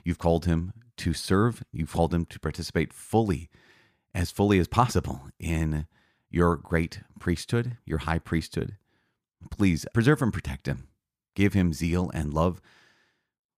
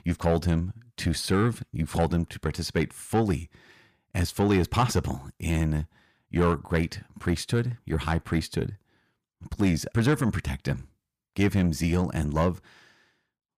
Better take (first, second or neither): first